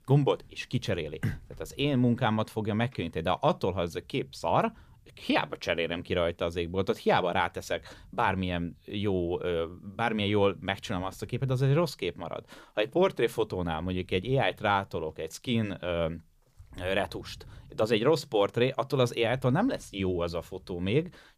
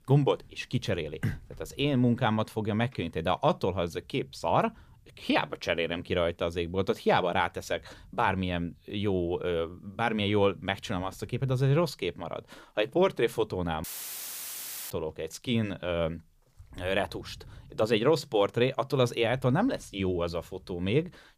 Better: first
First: none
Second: audio cutting out; filled with static; at 14 s for 1 s

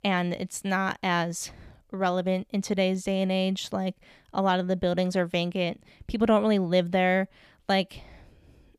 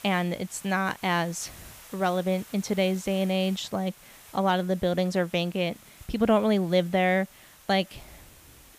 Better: first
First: none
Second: hiss; faint; throughout; 20 dB below the speech

